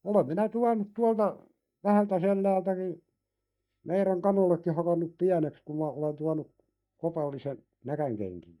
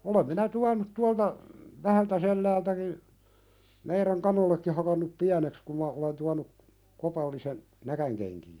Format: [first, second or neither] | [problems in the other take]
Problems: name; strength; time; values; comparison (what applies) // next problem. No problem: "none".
second | noise reduction (neural mask model DeepFilterNet 3)